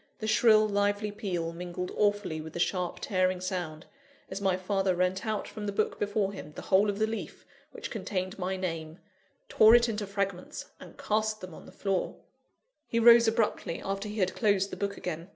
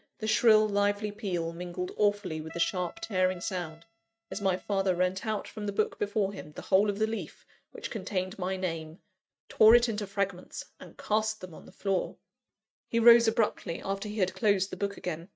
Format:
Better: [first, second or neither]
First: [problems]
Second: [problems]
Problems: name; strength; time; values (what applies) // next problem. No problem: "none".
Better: first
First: none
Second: noise reduction (neural mask model RNNoise)